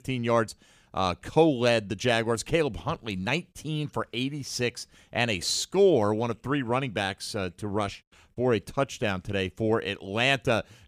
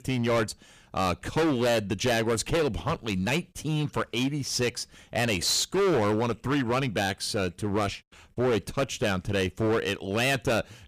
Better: first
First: none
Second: distortion; heavy; 14% of the sound clipped

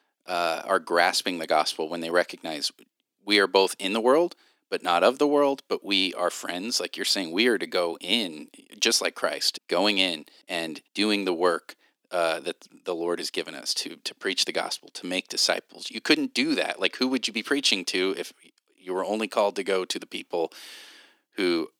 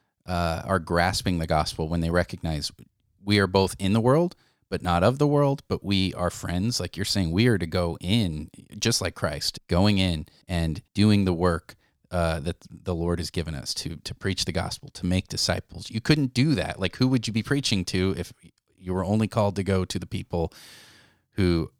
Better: second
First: thin; somewhat; fading below 300 Hz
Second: none

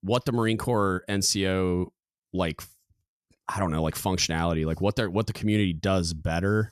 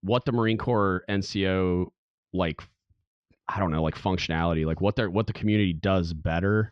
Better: first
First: none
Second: muffled; slightly; fading above 4 kHz

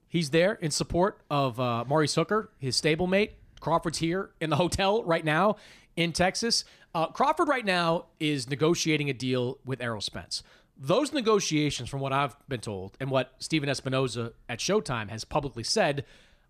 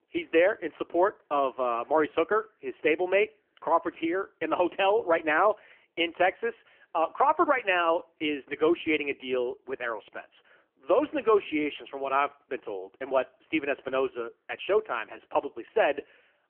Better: first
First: none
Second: phone-call audio; poor line; nothing above 3 kHz

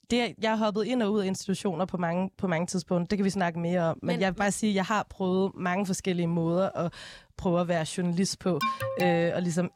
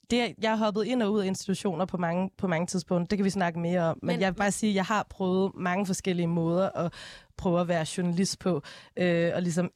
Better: second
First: alarm; noticeable; at 8.5 s; peak 2 dB below the speech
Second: none

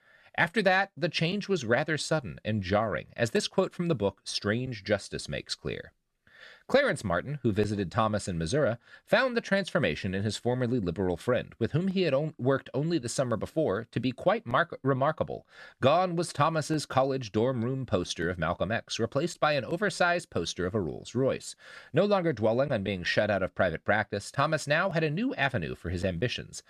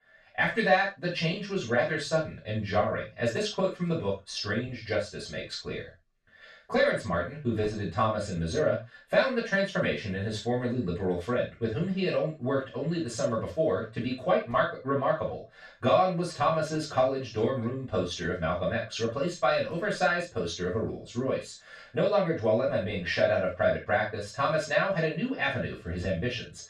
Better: first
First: none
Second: room echo; noticeable; dies away in 0.2 s // off-mic speech; far

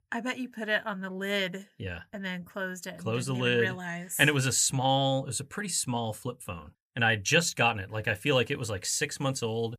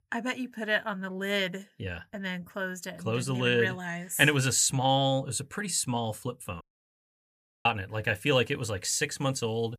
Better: first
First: none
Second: audio cutting out; at 6.5 s for 1 s

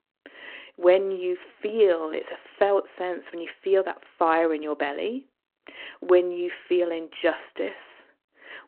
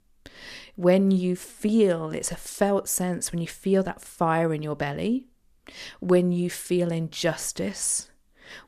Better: second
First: phone-call audio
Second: none

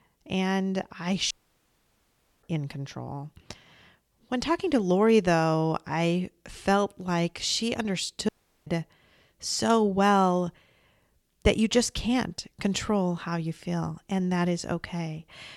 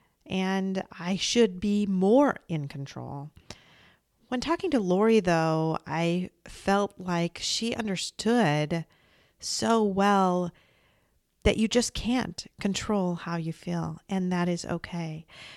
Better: second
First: audio cutting out; at 1.5 s for 1 s and at 8.5 s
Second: none

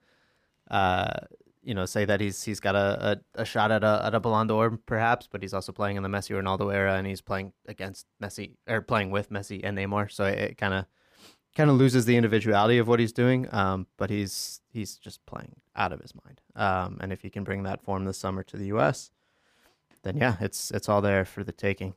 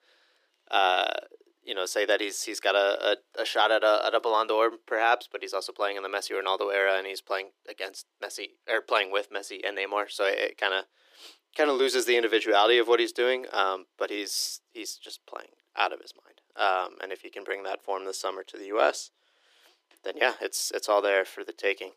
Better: first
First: none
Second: thin; very; fading below 350 Hz

